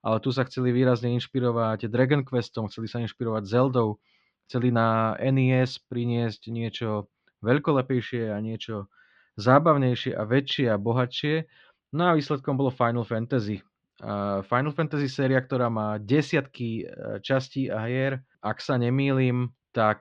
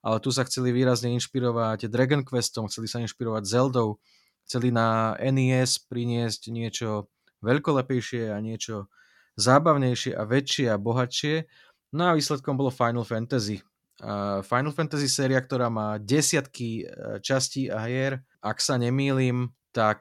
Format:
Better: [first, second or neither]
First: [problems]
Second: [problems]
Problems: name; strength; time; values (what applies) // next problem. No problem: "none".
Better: second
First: muffled; slightly; fading above 3.5 kHz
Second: none